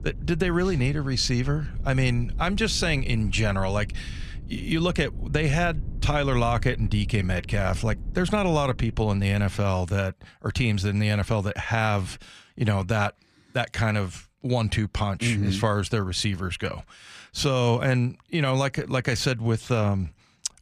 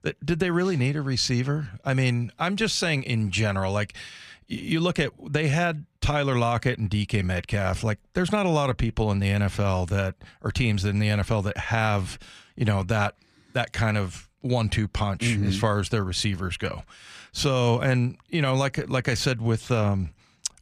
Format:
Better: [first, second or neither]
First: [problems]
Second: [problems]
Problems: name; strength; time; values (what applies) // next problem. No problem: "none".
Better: second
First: low rumble; faint; until 9.5 s; 25 dB below the speech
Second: none